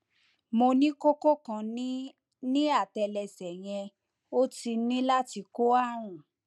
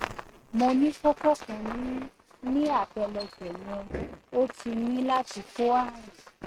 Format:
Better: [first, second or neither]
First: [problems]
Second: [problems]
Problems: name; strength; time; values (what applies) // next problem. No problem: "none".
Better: first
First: none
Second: noise reduction (neural mask model RNNoise)